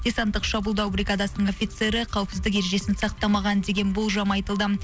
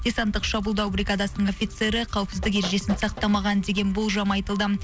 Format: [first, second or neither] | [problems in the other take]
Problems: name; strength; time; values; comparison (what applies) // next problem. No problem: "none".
first | background sound (Knock); 15 dB below the speech